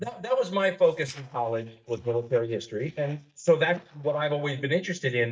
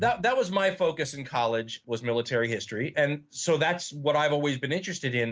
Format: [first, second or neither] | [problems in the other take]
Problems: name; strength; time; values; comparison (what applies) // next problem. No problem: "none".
second | noise reduction (neural mask model DeepFilterNet 3)